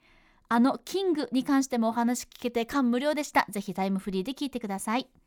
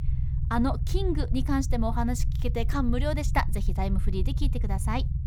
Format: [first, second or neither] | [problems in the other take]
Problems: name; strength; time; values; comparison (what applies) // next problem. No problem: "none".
first | low rumble; noticeable; throughout; 15 dB below the speech